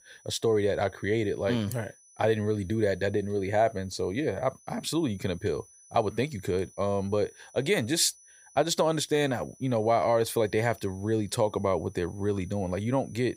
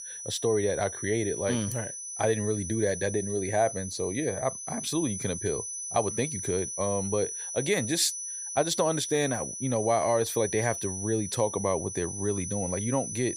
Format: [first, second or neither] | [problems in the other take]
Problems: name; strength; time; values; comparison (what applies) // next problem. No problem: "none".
first | high-pitched whine; loud; throughout; 6 kHz, 5 dB below the speech; faint in the first